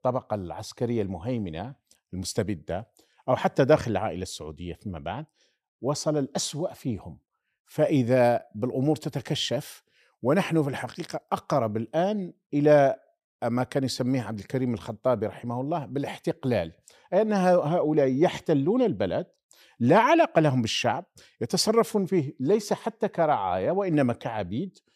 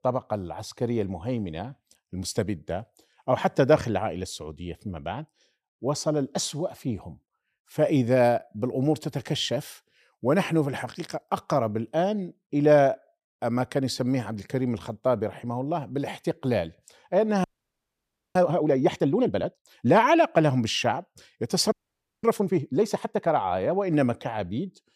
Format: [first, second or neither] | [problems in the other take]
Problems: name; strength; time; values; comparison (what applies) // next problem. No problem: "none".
first | audio freezing; at 17 s for 1 s and at 22 s for 0.5 s